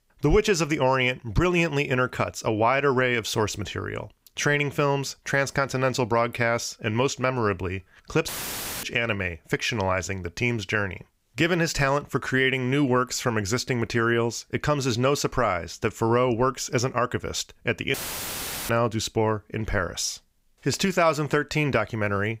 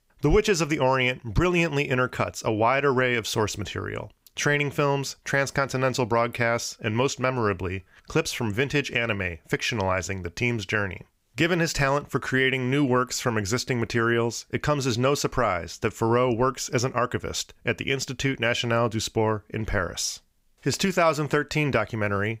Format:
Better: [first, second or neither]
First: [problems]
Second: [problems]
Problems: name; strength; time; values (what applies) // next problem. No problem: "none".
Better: second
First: audio cutting out; filled with static; at 8.5 s for 0.5 s and at 18 s for 1 s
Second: none